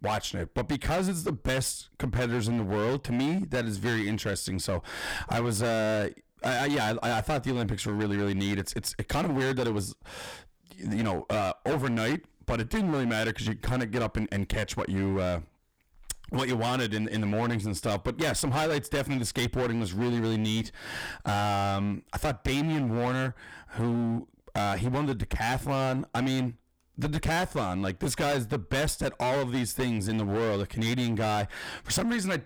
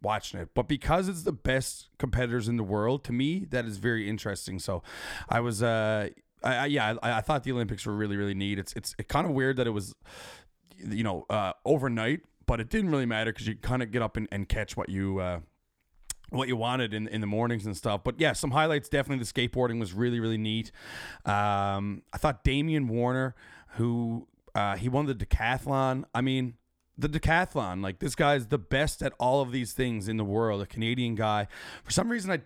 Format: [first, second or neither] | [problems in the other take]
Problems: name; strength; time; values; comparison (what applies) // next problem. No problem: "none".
second | distortion; heavy; 22% of the sound clipped